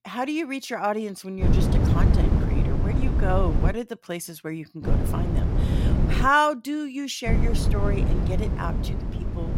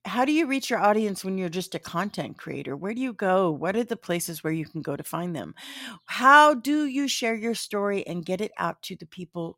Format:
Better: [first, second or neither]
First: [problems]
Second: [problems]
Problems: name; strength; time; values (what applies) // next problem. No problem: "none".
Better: second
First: wind noise on the microphone; heavy; from 1.5 to 3.5 s, from 5 to 6.5 s and from 7.5 s on; 7 dB below the speech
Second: none